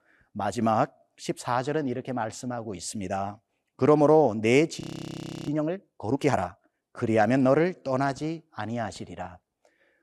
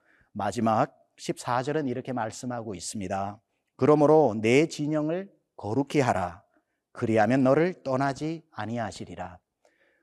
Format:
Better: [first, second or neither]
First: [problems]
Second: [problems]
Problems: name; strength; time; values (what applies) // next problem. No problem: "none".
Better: second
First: audio freezing; at 5 s for 0.5 s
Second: none